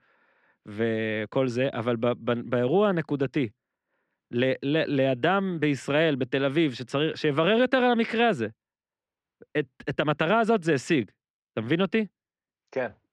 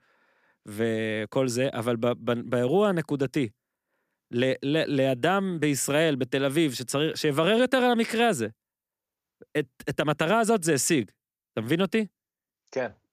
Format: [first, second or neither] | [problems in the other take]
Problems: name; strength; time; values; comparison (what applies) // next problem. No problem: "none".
second | muffled; slightly; fading above 3 kHz